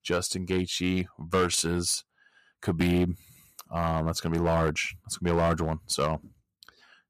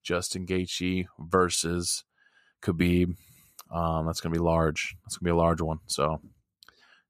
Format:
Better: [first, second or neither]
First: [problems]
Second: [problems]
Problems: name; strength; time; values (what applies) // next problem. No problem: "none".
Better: second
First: distortion; slight; 4% of the sound clipped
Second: none